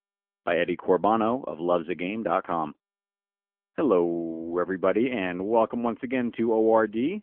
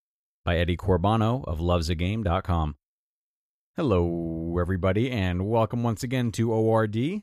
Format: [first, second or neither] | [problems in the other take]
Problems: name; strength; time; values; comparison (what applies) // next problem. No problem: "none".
second | phone-call audio; nothing above 3.5 kHz